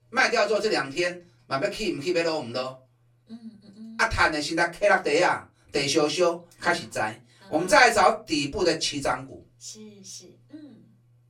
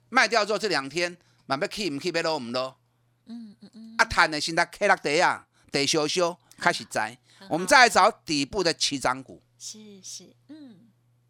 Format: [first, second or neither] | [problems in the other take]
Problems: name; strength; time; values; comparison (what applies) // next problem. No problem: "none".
second | off-mic speech; far // room echo; very slight; dies away in 0.2 s